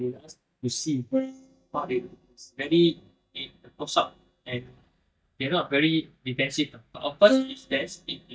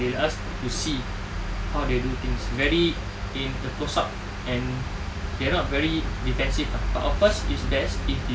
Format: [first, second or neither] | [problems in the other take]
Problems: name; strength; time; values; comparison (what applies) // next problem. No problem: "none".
second | noise reduction (neural mask model DeepFilterNet 3)